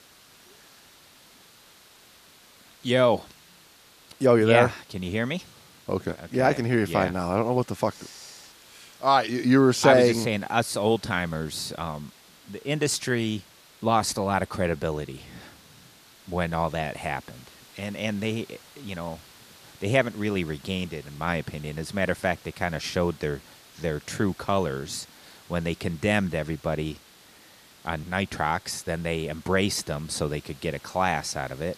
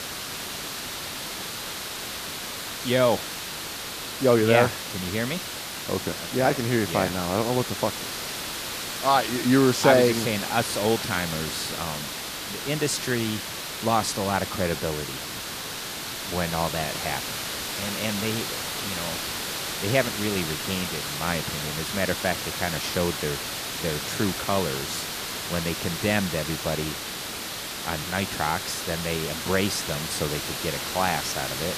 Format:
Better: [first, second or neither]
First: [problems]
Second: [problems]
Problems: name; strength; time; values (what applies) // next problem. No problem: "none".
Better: first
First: hiss; faint; throughout; 25 dB below the speech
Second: hiss; loud; throughout; 4 dB below the speech